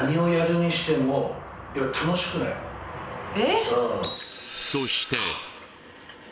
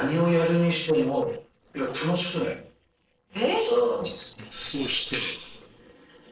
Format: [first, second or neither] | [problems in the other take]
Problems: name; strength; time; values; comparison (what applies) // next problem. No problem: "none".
first | noise reduction (neural separator model SepFormer DNS4)